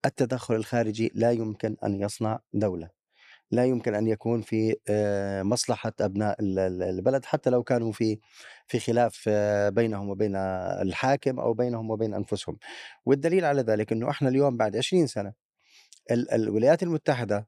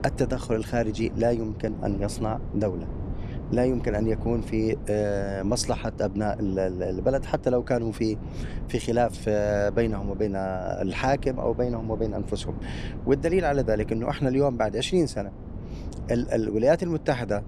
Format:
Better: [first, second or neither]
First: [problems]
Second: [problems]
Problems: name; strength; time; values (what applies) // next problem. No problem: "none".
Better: first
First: none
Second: wind noise on the microphone; occasional gusts; 15 dB below the speech